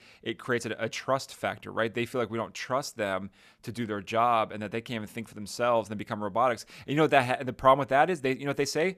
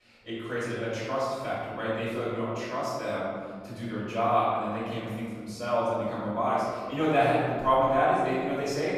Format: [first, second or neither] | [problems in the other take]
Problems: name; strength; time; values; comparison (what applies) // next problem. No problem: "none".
first | off-mic speech; far // room echo; strong; dies away in 1.8 s